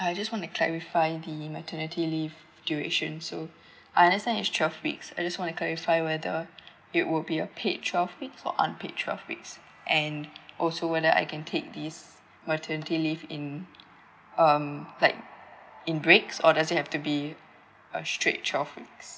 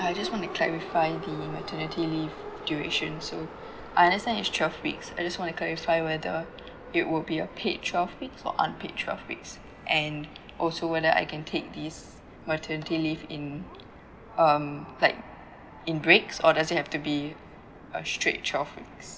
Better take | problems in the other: first | background sound (Subway, metro, underground); 14 dB below the speech

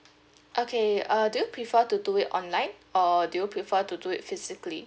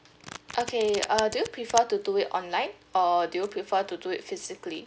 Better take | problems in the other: first | background sound (Domestic sounds, home sounds); 14 dB below the speech

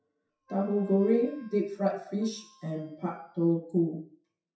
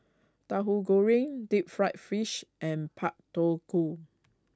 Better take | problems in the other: second | noise reduction (classical method WPE with log-MMSE)

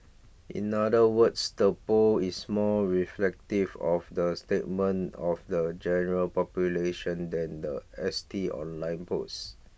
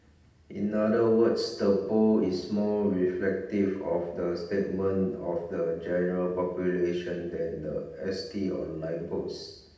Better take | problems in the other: first | room echo; dies away in 0.8 s

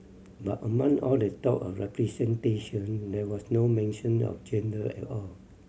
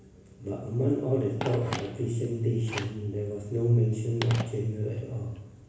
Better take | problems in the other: first | background sound (Telephone); 14 dB below the speech // room echo; dies away in 1.1 s

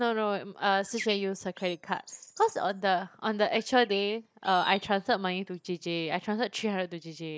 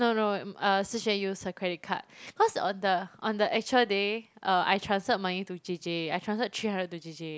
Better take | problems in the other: second | noise reduction (neural mask model DeepFilterNet 3)

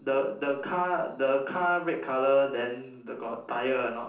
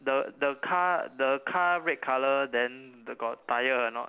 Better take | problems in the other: second | room echo; dies away in 0.6 s

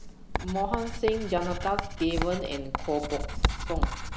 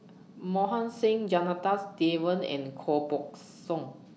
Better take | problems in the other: second | background sound (Writing); 1 dB below the speech

